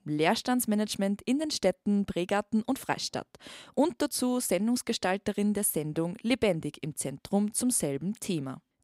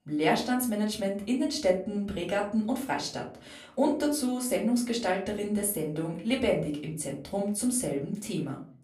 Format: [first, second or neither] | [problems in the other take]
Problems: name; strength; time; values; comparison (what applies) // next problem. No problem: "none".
first | off-mic speech; far // room echo; slight; dies away in 0.3 s